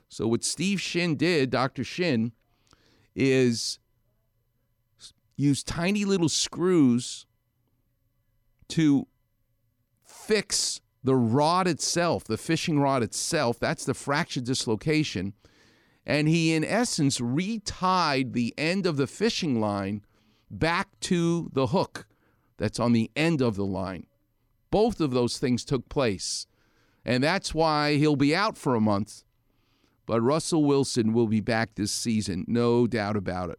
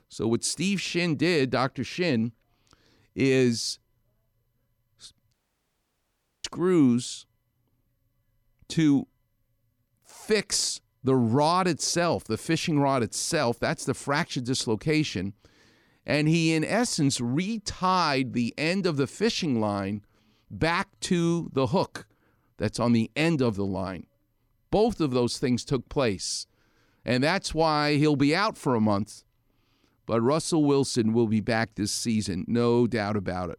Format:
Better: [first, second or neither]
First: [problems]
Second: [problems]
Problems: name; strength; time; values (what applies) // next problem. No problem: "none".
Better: first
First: none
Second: audio cutting out; at 5.5 s for 1 s